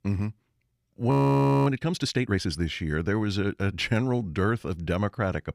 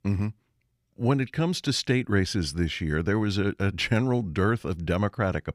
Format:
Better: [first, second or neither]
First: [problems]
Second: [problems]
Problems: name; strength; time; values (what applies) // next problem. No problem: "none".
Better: second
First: audio freezing; at 1 s for 0.5 s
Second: none